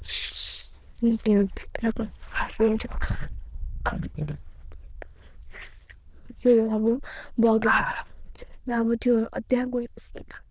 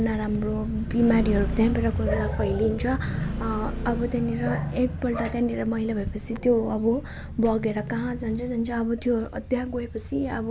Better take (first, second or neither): second